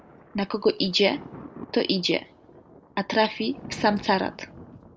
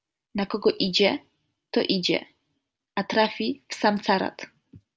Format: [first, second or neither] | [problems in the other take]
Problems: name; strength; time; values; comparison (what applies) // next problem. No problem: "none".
second | background sound (Thunder); 18 dB below the speech